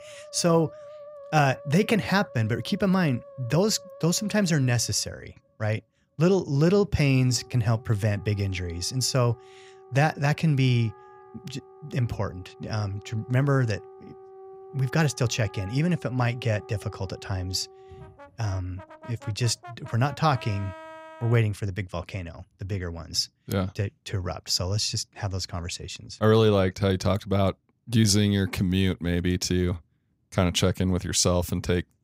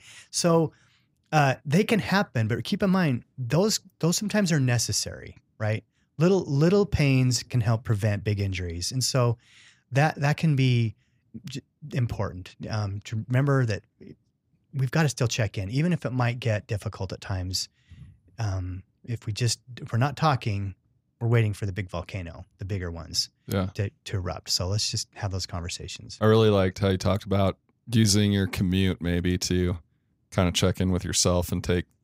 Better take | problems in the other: second | background music; faint; until 22 s; 20 dB below the speech

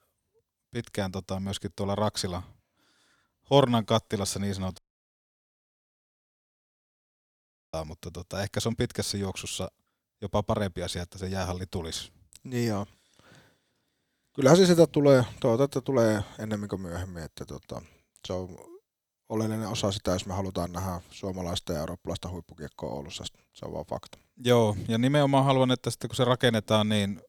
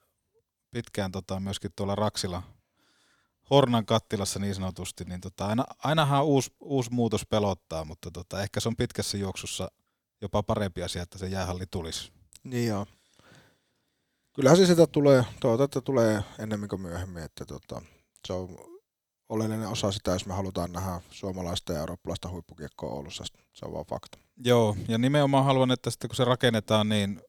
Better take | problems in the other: second | audio cutting out; at 5 s for 3 s

